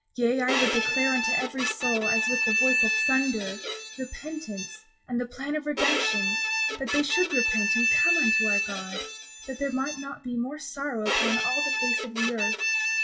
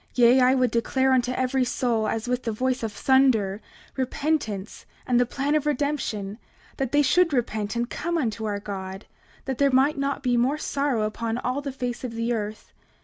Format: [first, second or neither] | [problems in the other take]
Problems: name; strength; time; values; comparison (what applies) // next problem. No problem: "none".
second | noise reduction (classical method WPE with log-MMSE)